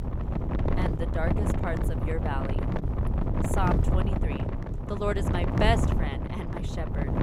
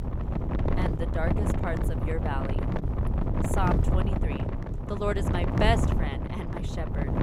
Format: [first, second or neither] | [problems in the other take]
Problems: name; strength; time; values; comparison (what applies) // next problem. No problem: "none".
neither | wind noise on the microphone; heavy; 2 dB below the speech; the same in both